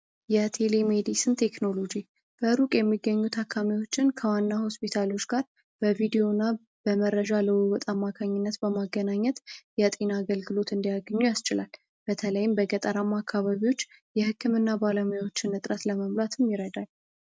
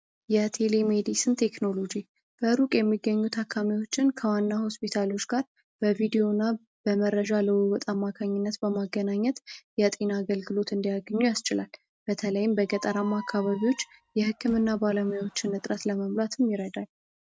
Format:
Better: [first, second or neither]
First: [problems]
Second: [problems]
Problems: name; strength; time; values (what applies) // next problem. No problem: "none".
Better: first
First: none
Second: background sound (Squeak); 20 dB below the speech